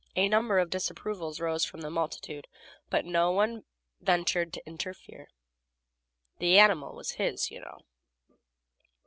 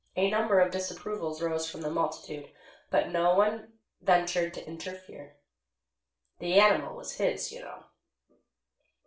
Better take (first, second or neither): first